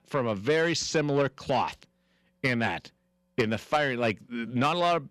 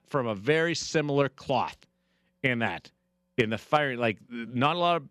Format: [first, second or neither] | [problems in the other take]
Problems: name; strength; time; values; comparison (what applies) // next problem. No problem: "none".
second | distortion; slight; 10 dB below the speech